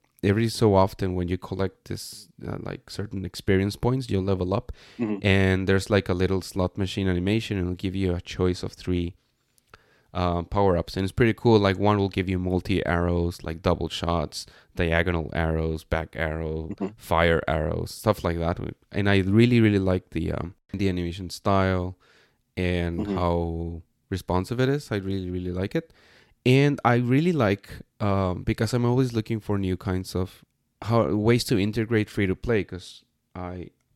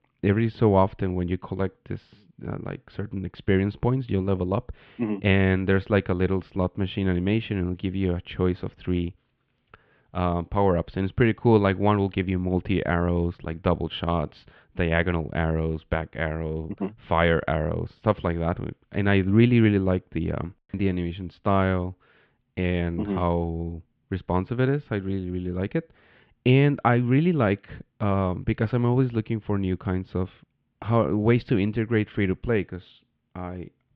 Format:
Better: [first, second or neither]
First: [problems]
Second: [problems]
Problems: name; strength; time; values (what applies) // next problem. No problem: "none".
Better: first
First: none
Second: muffled; very; fading above 3 kHz